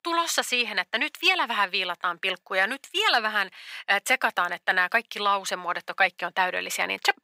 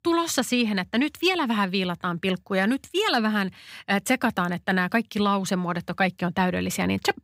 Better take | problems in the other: second | thin; very; fading below 650 Hz

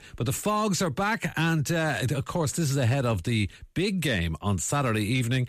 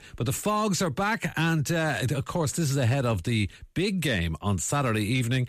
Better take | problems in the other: neither | none

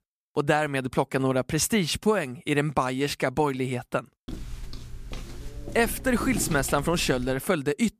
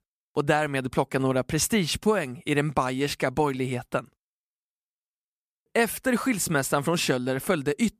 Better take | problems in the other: second | footsteps; noticeable; from 4.5 to 7.5 s; peak 7 dB below the speech

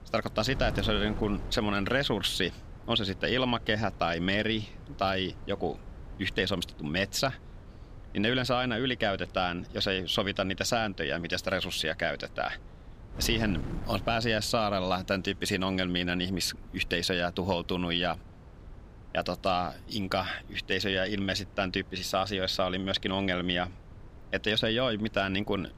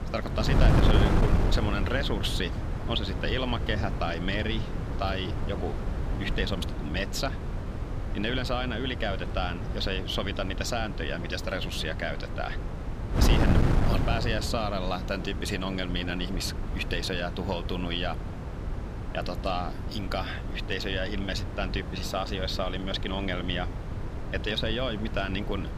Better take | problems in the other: first | wind noise on the microphone; heavy; 6 dB below the speech; occasional gusts in the first

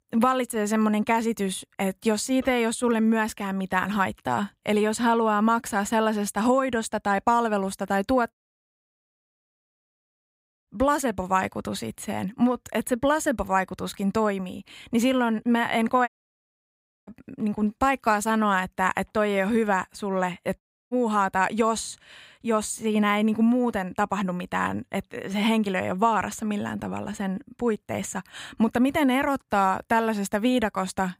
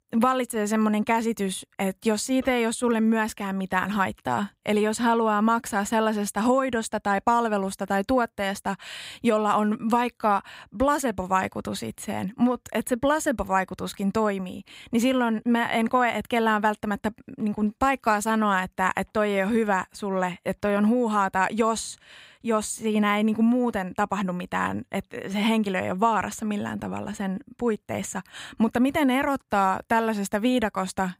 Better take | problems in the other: second | audio cutting out; at 8.5 s for 2.5 s, at 16 s for 1 s and at 21 s

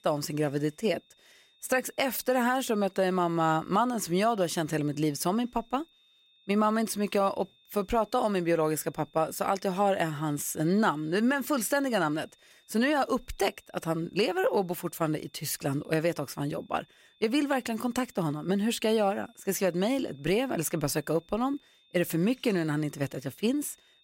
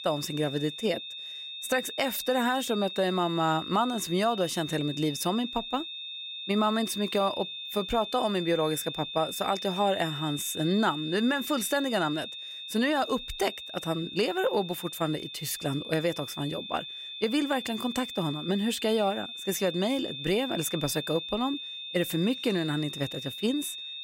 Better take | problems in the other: first | high-pitched whine; loud; throughout; 3.5 kHz, 7 dB below the speech; faint in the first

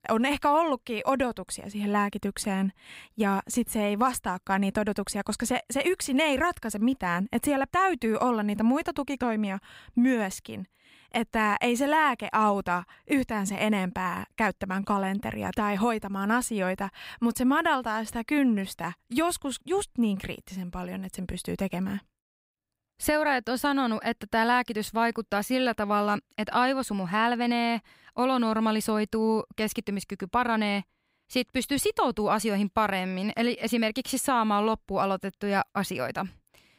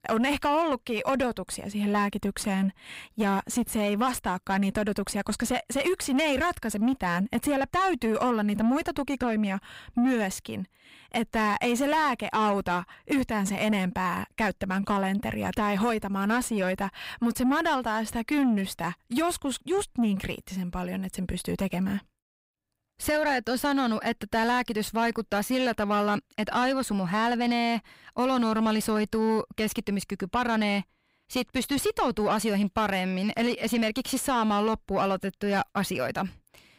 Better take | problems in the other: first | distortion; slight; 10 dB below the speech

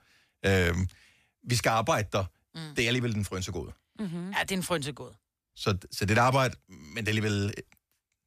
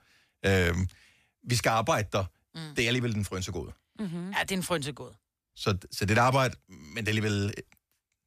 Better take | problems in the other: neither | none

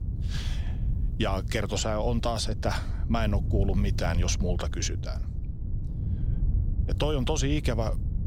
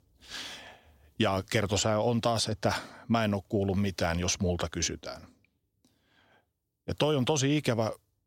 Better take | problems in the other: second | wind noise on the microphone; occasional gusts; 15 dB below the speech

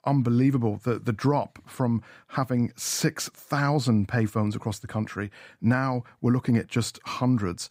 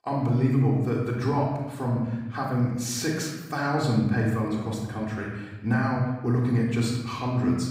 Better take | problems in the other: first | off-mic speech; far // room echo; noticeable; dies away in 1 s

